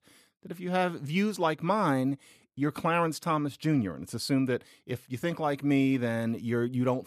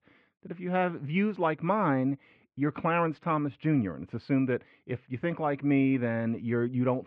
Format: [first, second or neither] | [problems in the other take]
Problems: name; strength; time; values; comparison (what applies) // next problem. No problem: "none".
first | muffled; very; fading above 2.5 kHz